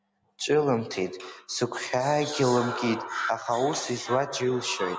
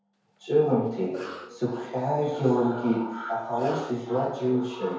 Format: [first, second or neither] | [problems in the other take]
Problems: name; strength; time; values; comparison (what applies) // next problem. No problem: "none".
first | background sound (Cough); 19 dB below the speech // room echo; dies away in 0.9 s